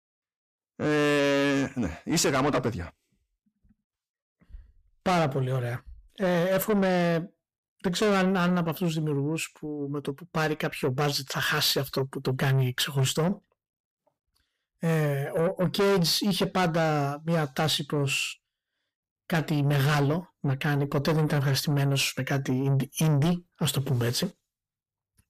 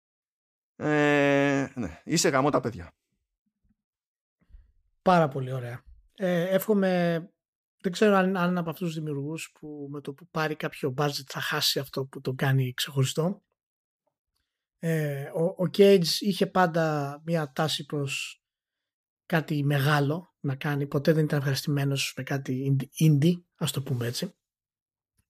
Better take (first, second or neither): second